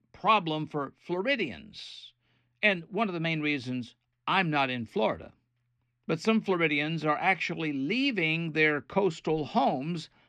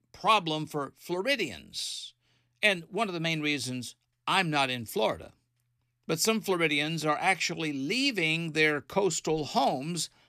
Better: second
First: muffled; slightly; fading above 2.5 kHz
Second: none

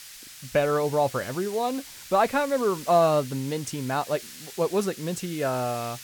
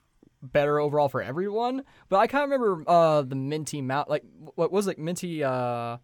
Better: second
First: hiss; noticeable; throughout; 15 dB below the speech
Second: none

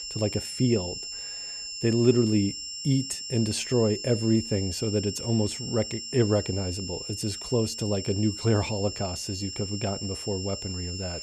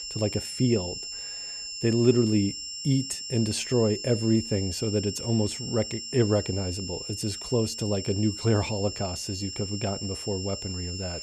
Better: neither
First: high-pitched whine; loud; throughout; 5.5 kHz, 7 dB below the speech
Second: high-pitched whine; loud; throughout; 5.5 kHz, 7 dB below the speech

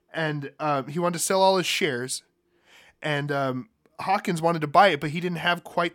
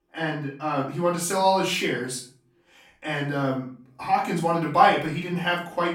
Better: first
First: none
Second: off-mic speech; far // room echo; slight; dies away in 0.4 s

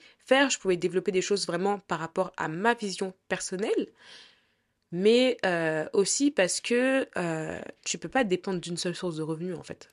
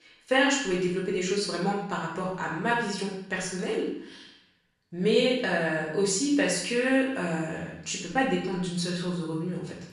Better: first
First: none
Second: room echo; noticeable; dies away in 0.7 s // off-mic speech; far

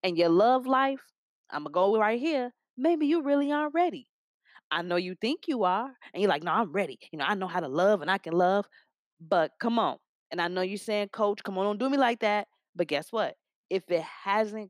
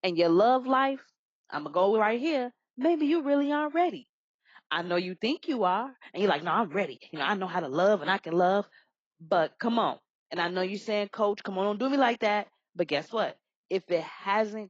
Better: first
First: none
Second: garbled, watery; badly; nothing above 7.5 kHz

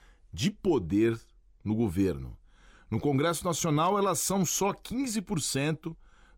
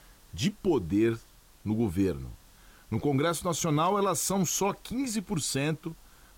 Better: first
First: none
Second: hiss; faint; throughout; 30 dB below the speech

